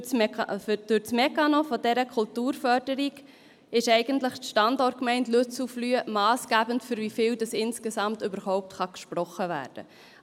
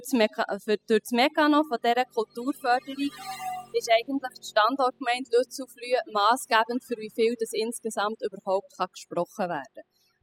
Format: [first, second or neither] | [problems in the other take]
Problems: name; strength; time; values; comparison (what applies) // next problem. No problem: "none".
first | noise reduction (classical method spectral subtraction)